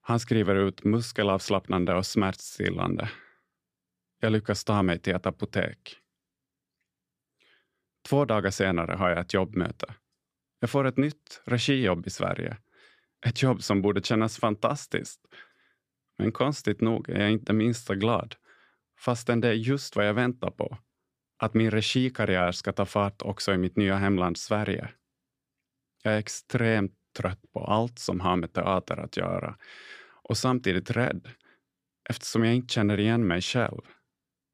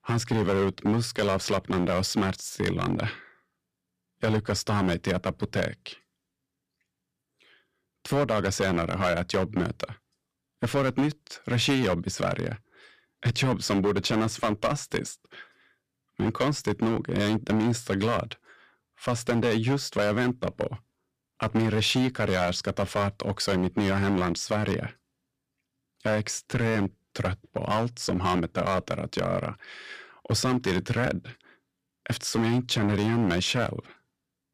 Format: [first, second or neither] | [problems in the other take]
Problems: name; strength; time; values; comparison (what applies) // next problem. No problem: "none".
first | distortion; heavy; 7% of the sound clipped